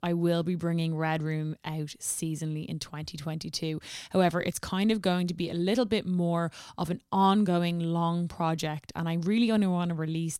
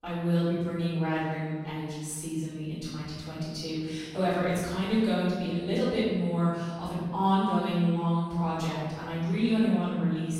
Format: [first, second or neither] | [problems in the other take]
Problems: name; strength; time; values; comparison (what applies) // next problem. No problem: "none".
first | off-mic speech; far // room echo; strong; dies away in 1.4 s